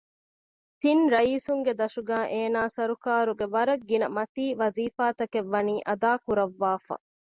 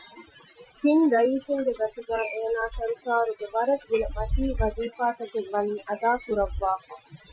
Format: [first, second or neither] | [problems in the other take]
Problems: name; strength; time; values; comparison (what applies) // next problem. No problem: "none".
first | noise reduction (classical method Wiener filter)